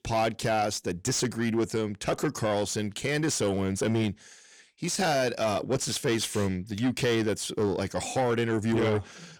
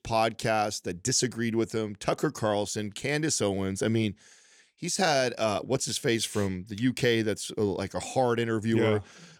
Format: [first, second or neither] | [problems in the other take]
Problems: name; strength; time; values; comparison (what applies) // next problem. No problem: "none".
second | distortion; slight; 10 dB below the speech